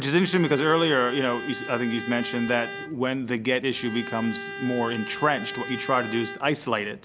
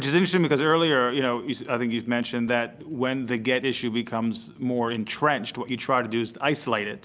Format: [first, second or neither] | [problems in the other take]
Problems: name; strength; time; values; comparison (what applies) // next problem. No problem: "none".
second | background sound (Bowed string instrument); 11 dB below the speech